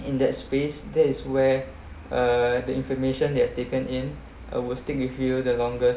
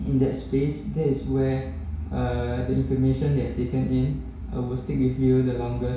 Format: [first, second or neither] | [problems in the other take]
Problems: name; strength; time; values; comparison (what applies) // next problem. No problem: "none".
first | room echo; dies away in 0.6 s